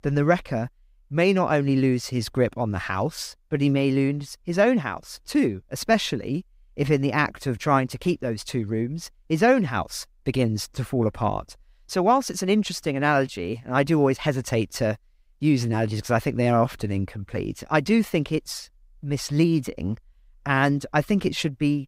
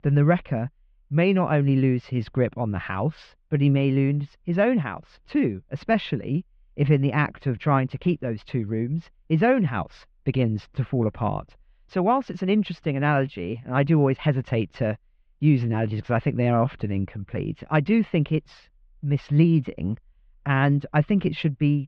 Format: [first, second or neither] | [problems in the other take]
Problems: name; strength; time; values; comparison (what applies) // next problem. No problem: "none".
first | muffled; very; fading above 3 kHz